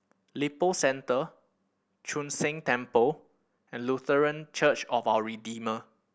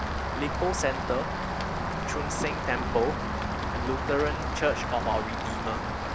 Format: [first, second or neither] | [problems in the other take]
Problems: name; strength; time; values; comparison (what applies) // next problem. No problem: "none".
first | background sound (Rain); 1 dB above the speech